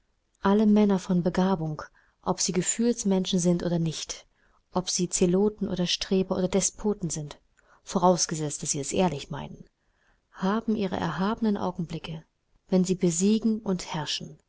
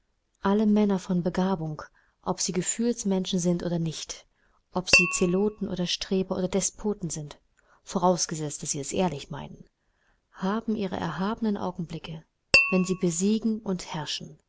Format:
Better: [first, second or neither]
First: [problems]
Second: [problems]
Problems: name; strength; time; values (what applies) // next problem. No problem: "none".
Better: first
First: none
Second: background sound (Tap / Glass); 1 dB above the speech